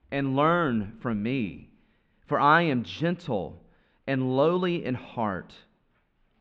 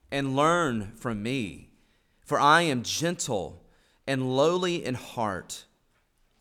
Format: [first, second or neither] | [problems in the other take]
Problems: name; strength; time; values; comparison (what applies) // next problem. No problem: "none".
second | muffled; very; fading above 3 kHz